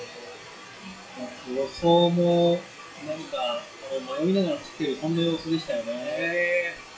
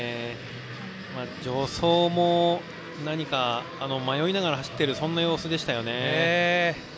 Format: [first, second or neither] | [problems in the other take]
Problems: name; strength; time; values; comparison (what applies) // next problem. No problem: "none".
second | noise reduction (classical method WPE with log-MMSE)